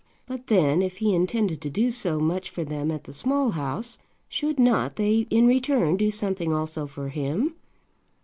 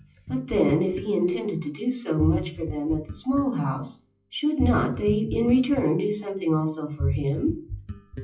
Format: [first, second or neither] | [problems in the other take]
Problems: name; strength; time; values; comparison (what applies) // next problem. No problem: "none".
first | noise reduction (classical method WPE with log-MMSE)